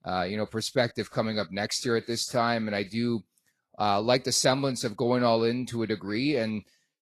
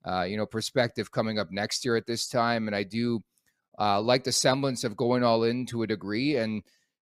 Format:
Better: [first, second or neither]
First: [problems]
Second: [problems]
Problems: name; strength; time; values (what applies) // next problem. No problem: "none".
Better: second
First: garbled, watery; slightly; nothing above 12 kHz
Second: none